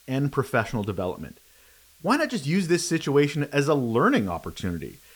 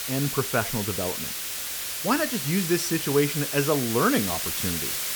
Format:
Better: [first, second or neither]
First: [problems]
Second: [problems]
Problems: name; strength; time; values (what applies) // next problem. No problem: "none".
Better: first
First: hiss; faint; throughout; 30 dB below the speech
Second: hiss; loud; throughout; 2 dB below the speech